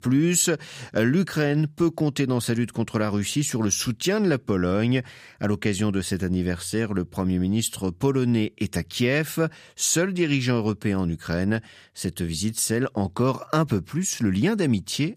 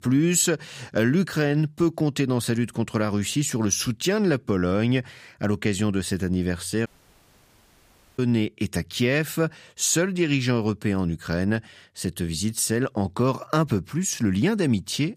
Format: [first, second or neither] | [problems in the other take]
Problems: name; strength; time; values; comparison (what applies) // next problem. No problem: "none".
first | audio cutting out; at 7 s for 1.5 s